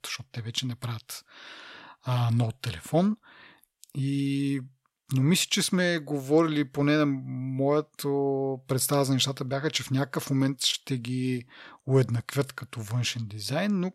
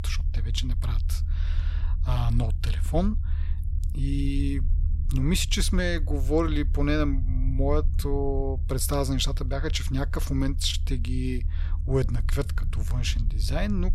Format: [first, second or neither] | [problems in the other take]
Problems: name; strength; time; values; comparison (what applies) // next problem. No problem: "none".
first | low rumble; noticeable; throughout; 15 dB below the speech